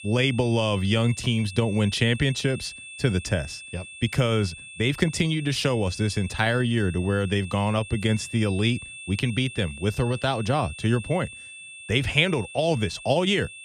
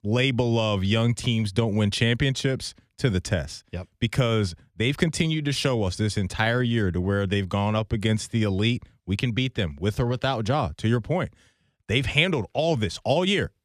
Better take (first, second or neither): second